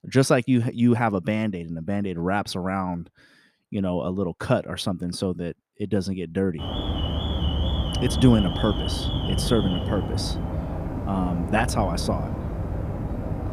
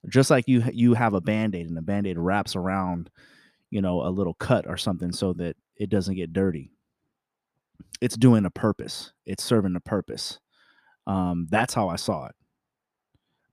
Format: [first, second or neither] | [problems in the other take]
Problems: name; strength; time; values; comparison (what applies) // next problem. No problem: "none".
second | alarm; loud; from 6.5 s on; peak level with the speech